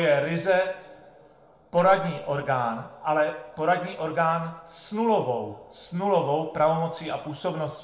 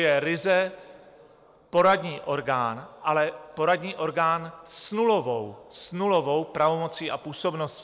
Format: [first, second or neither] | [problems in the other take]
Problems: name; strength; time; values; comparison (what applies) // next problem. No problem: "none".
second | room echo; dies away in 0.5 s